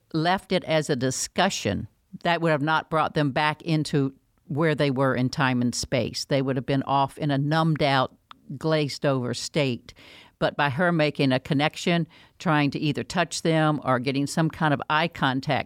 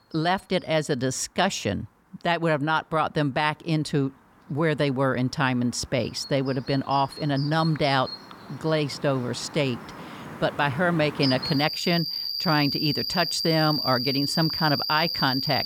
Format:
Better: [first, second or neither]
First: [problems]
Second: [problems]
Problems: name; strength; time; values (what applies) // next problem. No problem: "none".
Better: first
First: none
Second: animal sounds; loud; throughout; 4 dB below the speech